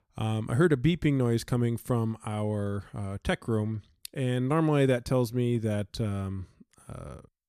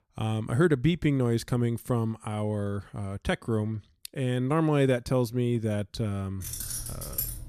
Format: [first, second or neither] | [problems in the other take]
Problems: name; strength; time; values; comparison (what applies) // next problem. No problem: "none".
first | jangling keys; noticeable; from 6.5 s on; peak 3 dB below the speech